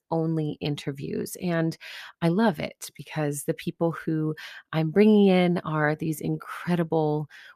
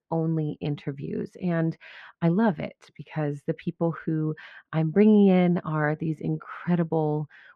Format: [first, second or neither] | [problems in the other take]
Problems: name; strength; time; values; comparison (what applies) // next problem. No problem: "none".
first | muffled; slightly; fading above 2 kHz